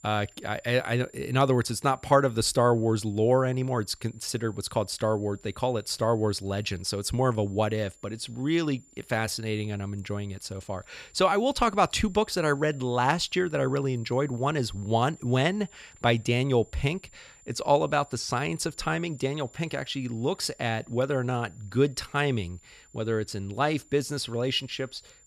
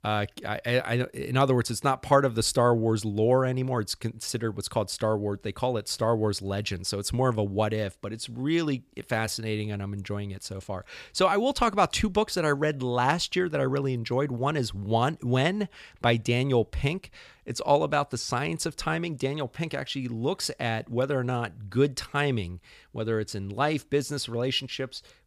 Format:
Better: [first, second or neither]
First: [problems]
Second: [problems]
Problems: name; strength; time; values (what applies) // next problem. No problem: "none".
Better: second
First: high-pitched whine; faint; throughout; 7 kHz, 25 dB below the speech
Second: none